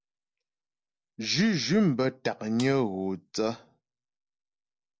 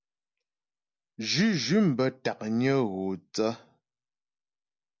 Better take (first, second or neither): second